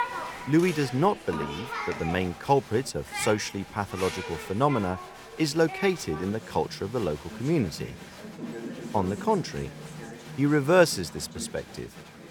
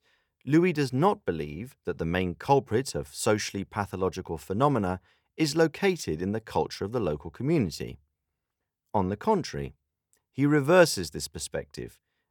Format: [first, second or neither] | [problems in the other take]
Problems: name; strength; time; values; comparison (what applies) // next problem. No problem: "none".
second | crowd noise; noticeable; throughout; 10 dB below the speech